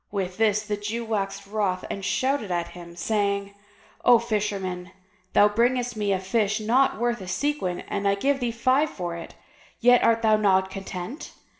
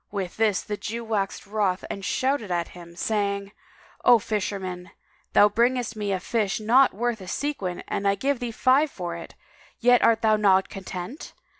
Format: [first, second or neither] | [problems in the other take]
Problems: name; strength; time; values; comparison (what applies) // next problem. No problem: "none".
second | room echo; dies away in 0.6 s